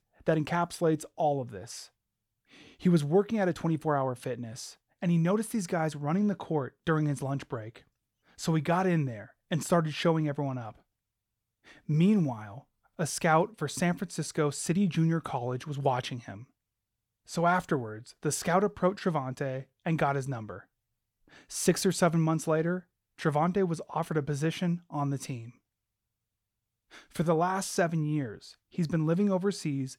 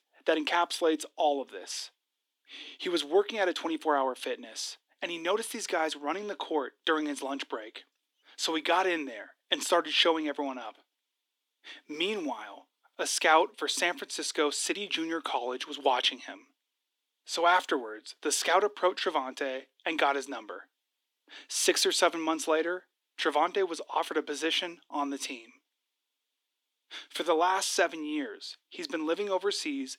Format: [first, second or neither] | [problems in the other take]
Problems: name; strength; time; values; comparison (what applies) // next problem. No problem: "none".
first | thin; somewhat; fading below 250 Hz